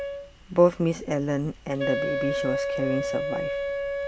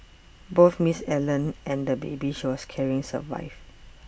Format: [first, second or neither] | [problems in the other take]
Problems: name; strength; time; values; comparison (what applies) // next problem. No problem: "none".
second | background sound (Wind instrument, woodwind instrument); 3 dB below the speech